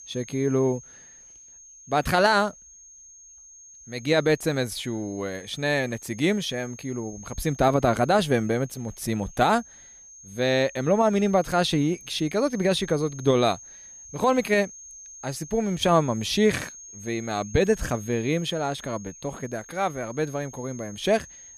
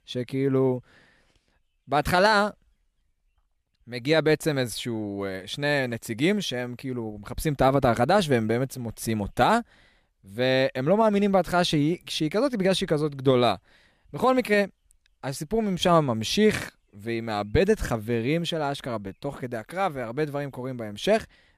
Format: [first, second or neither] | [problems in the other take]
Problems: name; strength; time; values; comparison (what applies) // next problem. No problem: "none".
second | high-pitched whine; noticeable; throughout; 6.5 kHz, 20 dB below the speech